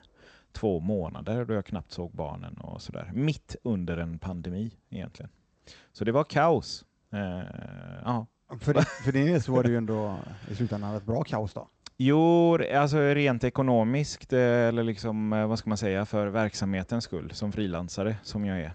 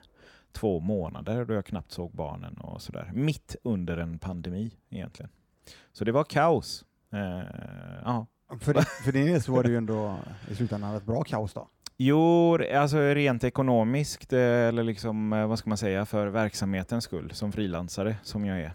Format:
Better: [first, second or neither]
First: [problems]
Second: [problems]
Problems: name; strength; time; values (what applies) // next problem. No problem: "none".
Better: second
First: garbled, watery; slightly; nothing above 7.5 kHz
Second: none